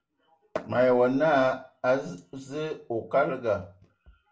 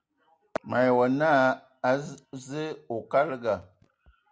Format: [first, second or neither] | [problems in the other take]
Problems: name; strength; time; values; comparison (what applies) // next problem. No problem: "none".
second | room echo; dies away in 0.2 s